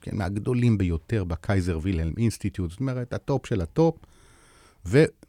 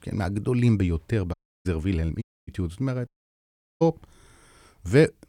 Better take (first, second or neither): first